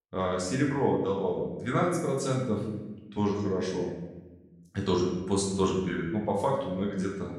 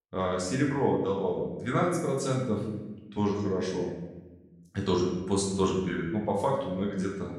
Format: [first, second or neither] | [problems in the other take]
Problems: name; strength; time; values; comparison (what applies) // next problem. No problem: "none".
neither | room echo; noticeable; dies away in 1 s; the same in both // off-mic speech; far; the same in both